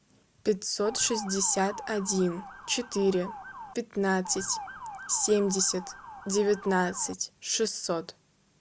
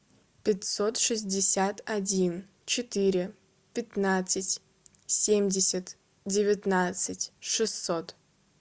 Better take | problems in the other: second | background sound (Motor vehicle (road) / Siren); 12 dB below the speech

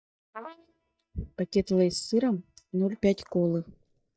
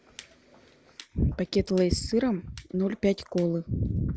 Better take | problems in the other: second | noise reduction (neural mask model DeepFilterNet 3)

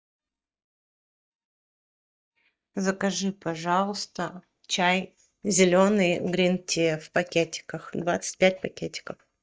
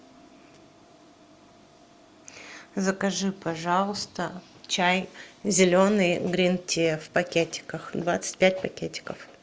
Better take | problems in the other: second | noise reduction (neural mask model DeepFilterNet 3)

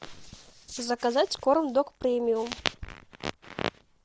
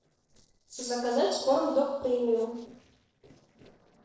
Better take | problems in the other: first | noise reduction (neural separator model SepFormer DNS4)

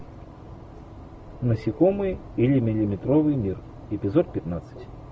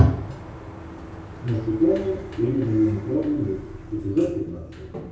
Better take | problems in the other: first | background sound (Sliding door); 15 dB below the speech // room echo; dies away in 0.6 s

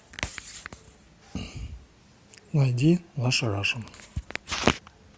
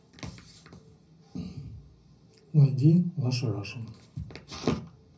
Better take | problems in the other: first | room echo; dies away in 0.4 s

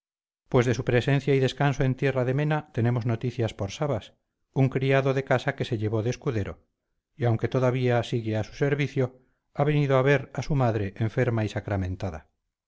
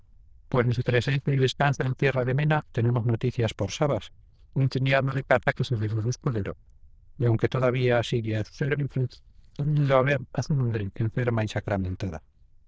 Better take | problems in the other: first | noise reduction (neural diffusion model UNIVERSE++)

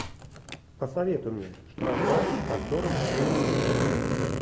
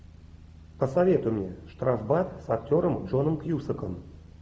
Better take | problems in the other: second | background sound (Zipper (clothing)); 4 dB above the speech

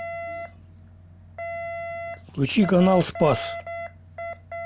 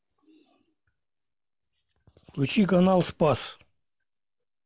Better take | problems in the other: second | background sound (Alarm); 9 dB below the speech

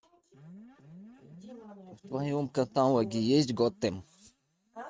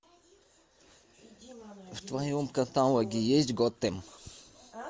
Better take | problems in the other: second | noise reduction (neural mask model RNNoise)

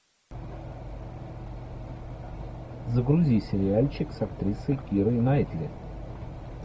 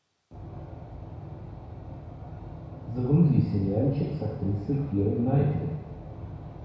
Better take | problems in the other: first | room echo; dies away in 1.1 s

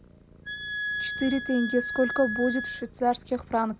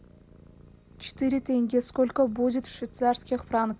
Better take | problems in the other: second | background sound (Wind instrument, woodwind instrument); 6 dB below the speech

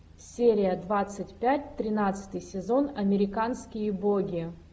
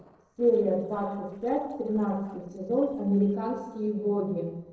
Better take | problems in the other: first | noise reduction (neural separator model SepFormer DNS4)

